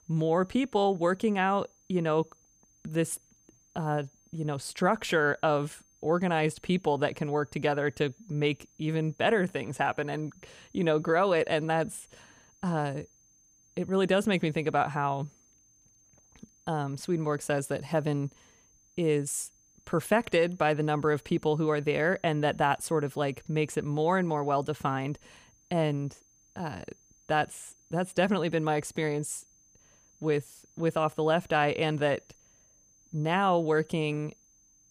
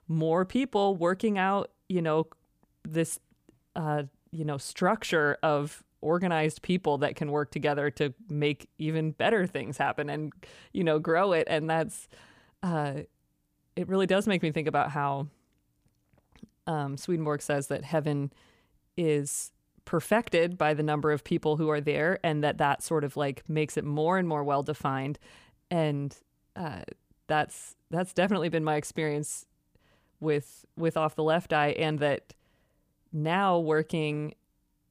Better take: second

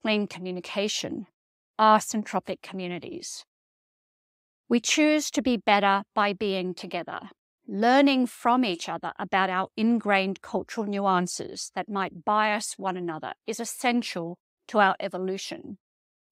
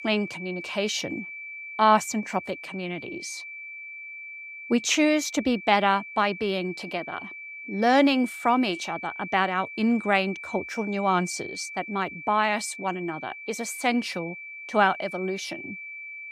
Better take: first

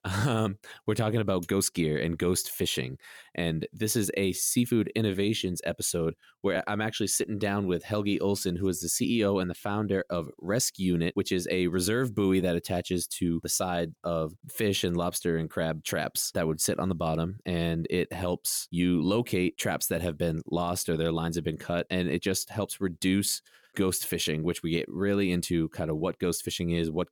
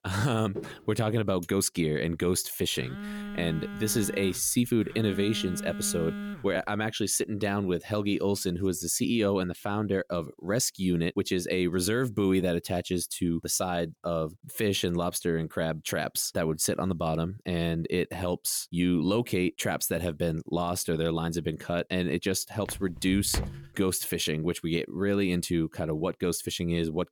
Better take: first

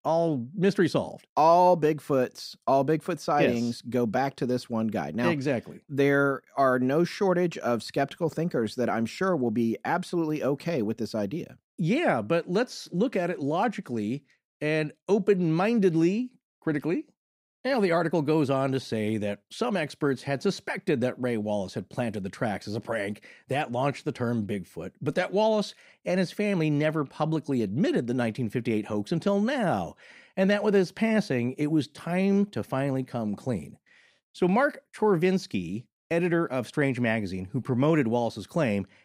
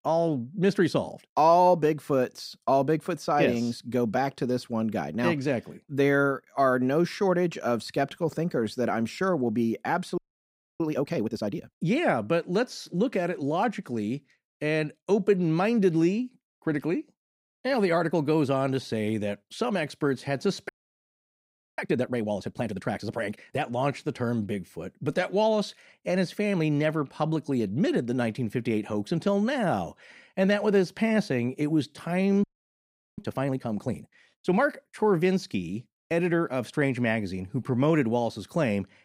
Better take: first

